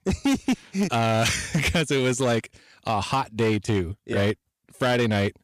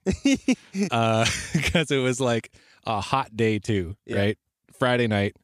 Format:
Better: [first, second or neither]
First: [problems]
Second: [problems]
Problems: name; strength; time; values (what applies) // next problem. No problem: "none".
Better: second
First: distortion; slight; 10% of the sound clipped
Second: none